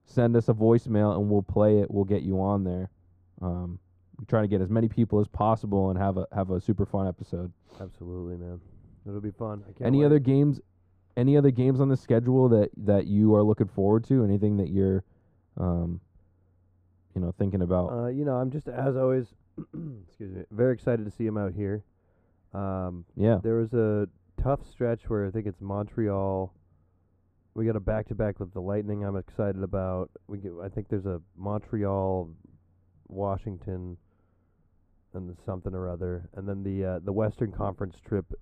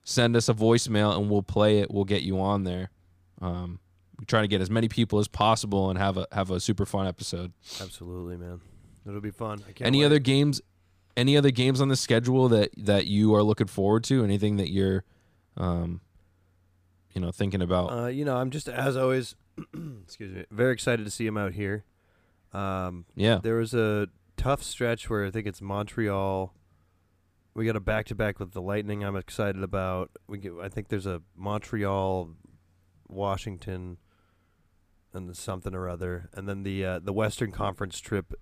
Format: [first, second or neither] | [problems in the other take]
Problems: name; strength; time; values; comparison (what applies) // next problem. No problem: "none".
second | muffled; very; fading above 2 kHz